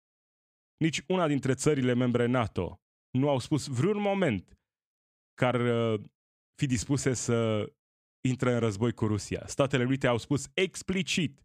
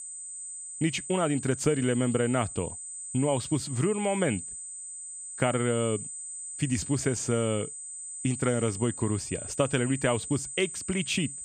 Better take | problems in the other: first | high-pitched whine; loud; throughout; 8 kHz, 8 dB below the speech

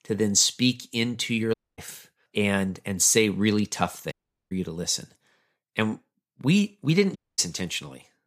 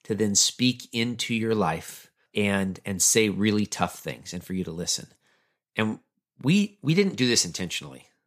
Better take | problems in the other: second | audio cutting out; at 1.5 s, at 4 s and at 7 s

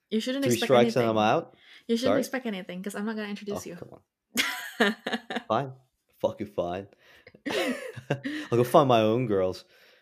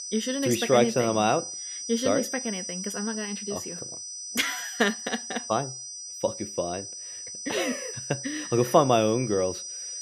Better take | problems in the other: first | high-pitched whine; loud; throughout; 6 kHz, 8 dB below the speech

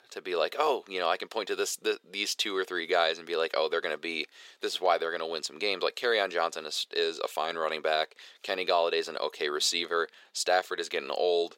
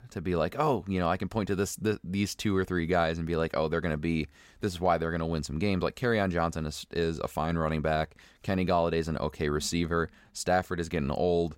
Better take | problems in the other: second | thin; very; fading below 400 Hz

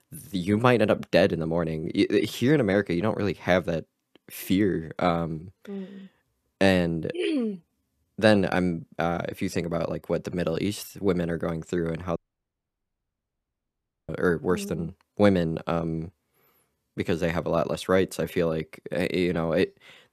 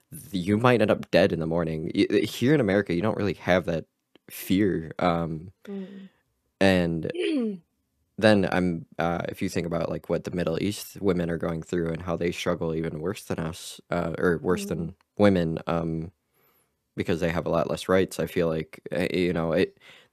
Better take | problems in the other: second | audio cutting out; at 12 s for 2 s

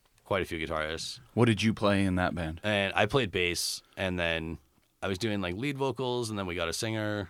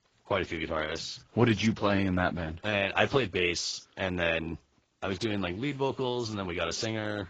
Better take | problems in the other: first | garbled, watery; badly; nothing above 7.5 kHz

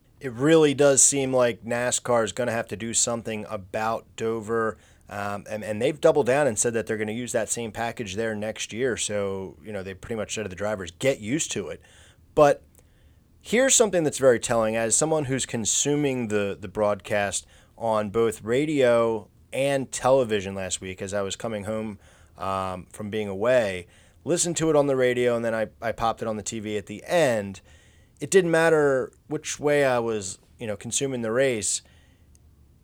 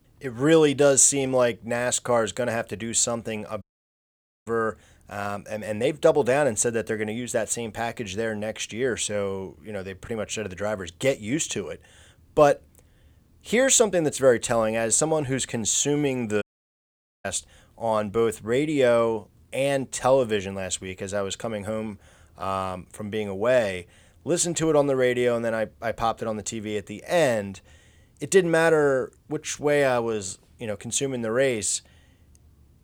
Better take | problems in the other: first | audio cutting out; at 3.5 s for 1 s and at 16 s for 1 s

